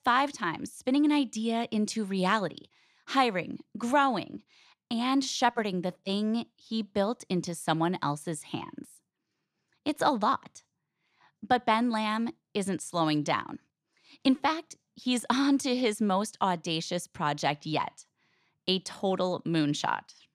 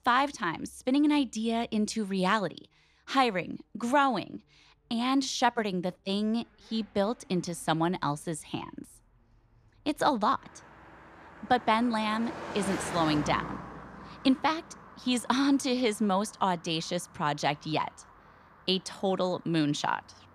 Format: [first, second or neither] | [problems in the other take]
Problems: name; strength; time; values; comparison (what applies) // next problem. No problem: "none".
first | traffic noise; noticeable; throughout; 15 dB below the speech